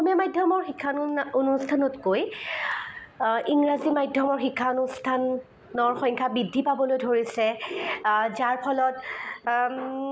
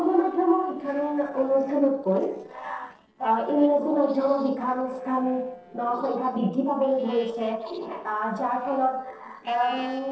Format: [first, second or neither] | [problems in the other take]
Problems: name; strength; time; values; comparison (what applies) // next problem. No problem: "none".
first | noise reduction (neural separator model SepFormer DNS4)